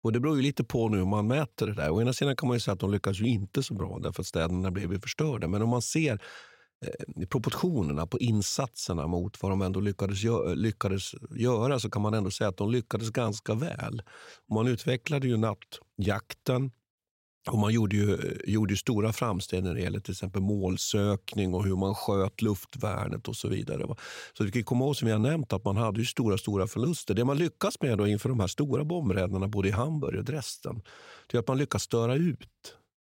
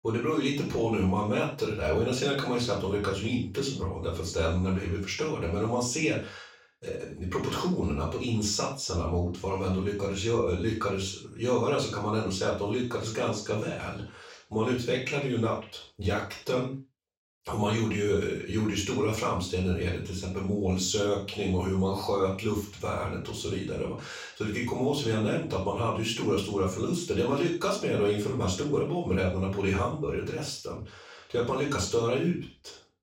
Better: first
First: none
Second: room echo; noticeable; dies away in 0.3 s // off-mic speech; far

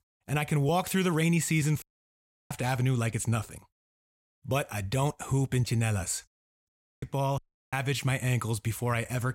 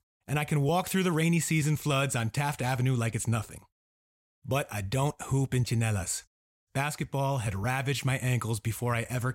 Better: second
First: audio cutting out; at 2 s for 0.5 s, at 6.5 s and at 7.5 s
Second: none

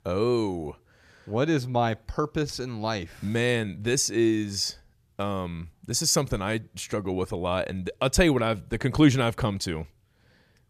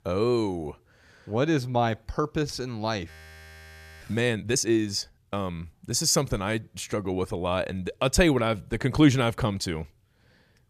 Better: first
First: none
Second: audio freezing; at 3 s for 1 s

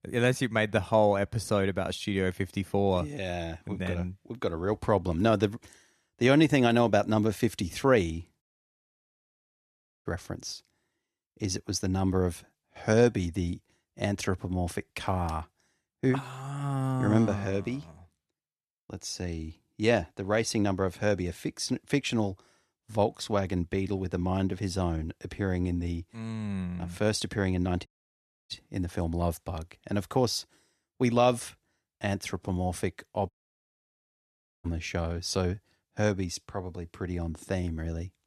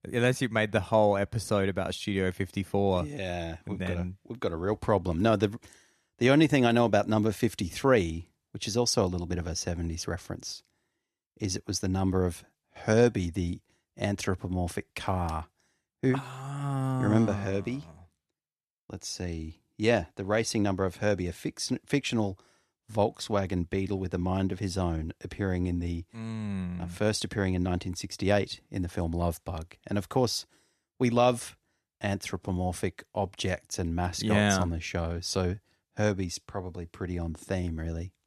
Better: second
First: audio cutting out; at 8.5 s for 1.5 s, at 28 s for 0.5 s and at 33 s for 1.5 s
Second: none

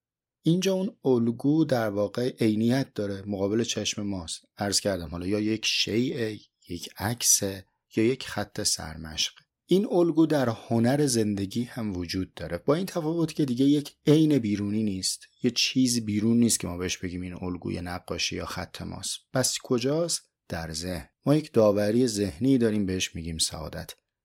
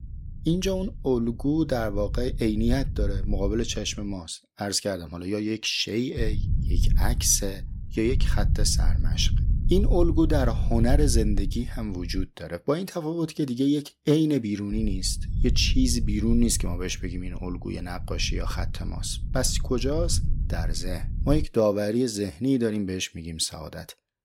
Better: first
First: none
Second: low rumble; noticeable; until 4 s, from 6 to 12 s and from 15 to 21 s; 15 dB below the speech

